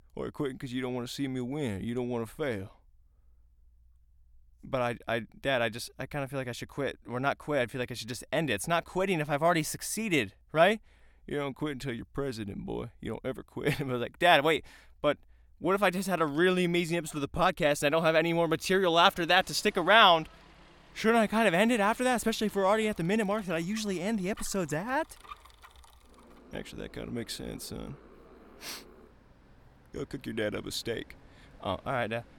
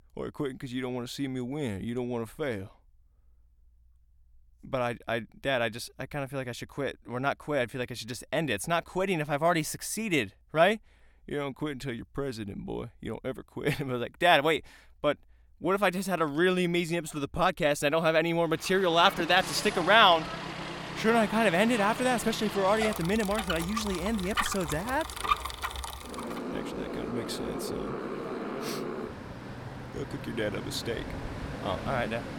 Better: first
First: traffic noise; faint; from 19 s on; 25 dB below the speech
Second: traffic noise; loud; from 19 s on; 7 dB below the speech

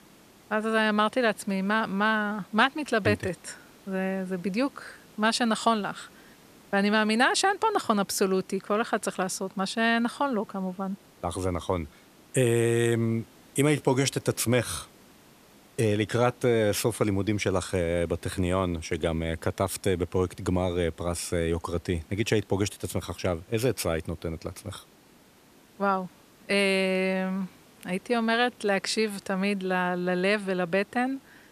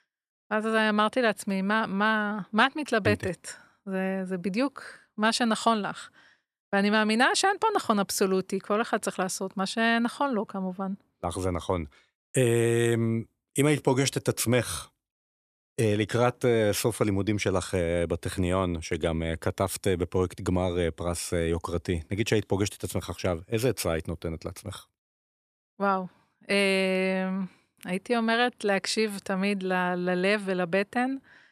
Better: second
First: hiss; faint; throughout; 25 dB below the speech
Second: none

